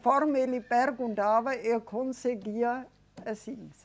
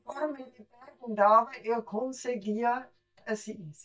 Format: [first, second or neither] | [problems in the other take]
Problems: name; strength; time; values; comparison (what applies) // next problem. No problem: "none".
first | noise reduction (neural mask model DeepFilterNet 3)